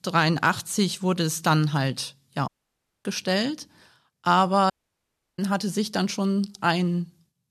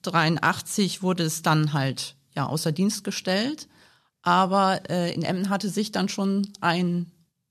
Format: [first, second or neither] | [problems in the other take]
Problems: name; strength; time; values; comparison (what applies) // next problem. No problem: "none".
second | audio cutting out; at 2.5 s for 0.5 s and at 4.5 s for 0.5 s